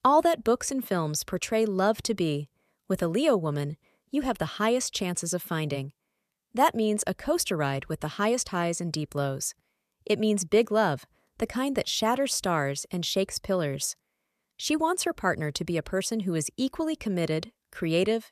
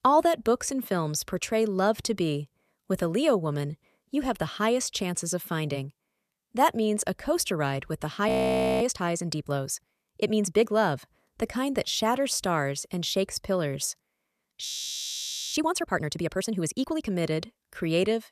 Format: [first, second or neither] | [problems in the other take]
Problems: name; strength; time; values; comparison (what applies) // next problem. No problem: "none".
first | audio freezing; at 8.5 s for 0.5 s and at 15 s for 1 s